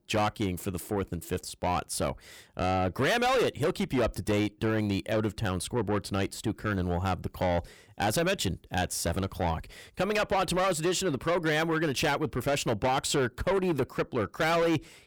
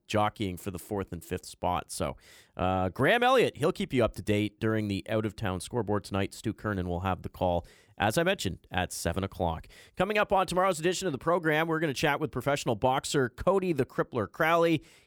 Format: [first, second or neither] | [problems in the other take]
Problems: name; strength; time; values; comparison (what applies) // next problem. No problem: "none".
second | distortion; heavy; 7 dB below the speech